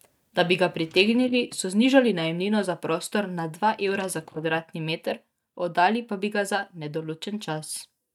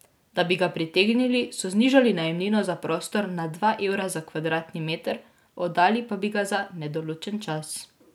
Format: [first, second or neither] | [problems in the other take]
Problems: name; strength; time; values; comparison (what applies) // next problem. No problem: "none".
second | noise reduction (neural mask model DeepFilterNet 3)